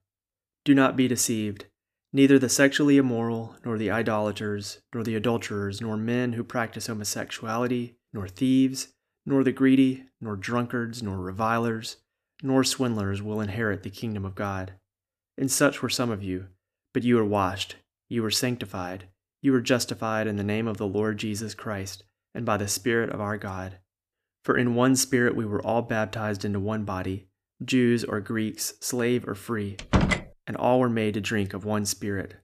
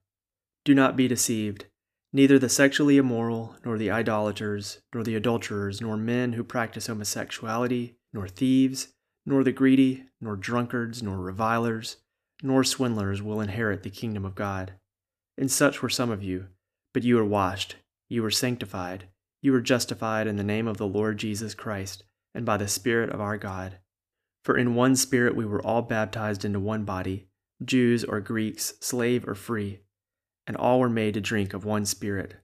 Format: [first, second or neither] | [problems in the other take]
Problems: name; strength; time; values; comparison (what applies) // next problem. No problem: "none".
second | door banging; loud; at 30 s; peak 3 dB above the speech